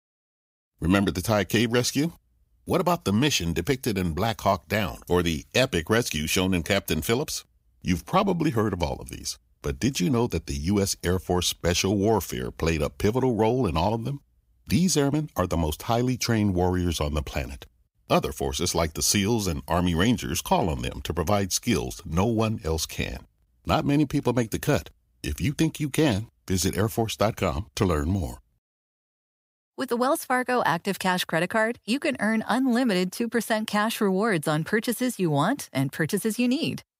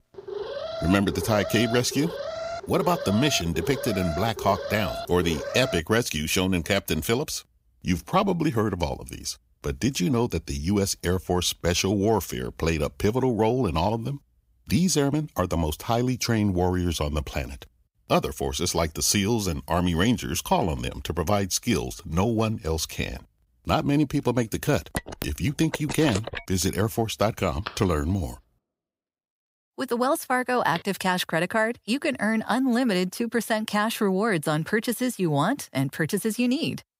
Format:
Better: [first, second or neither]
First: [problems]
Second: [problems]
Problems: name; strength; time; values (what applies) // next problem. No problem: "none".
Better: first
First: none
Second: alarm; noticeable; until 6 s; peak 7 dB below the speech // phone ringing; noticeable; from 25 to 26 s; peak 7 dB below the speech // phone ringing; faint; from 28 to 31 s; peak 15 dB below the speech